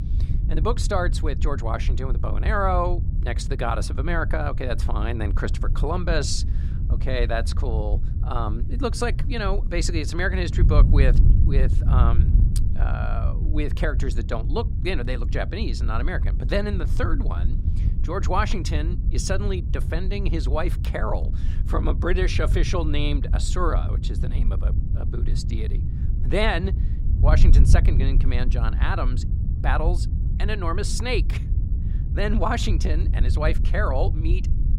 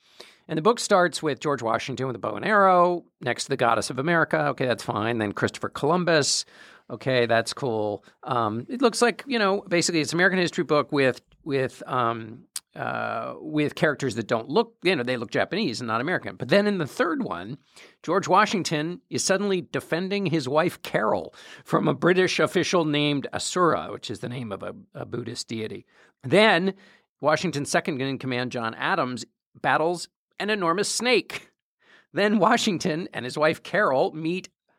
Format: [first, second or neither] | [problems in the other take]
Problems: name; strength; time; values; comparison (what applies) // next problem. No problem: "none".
second | wind noise on the microphone; occasional gusts; 10 dB below the speech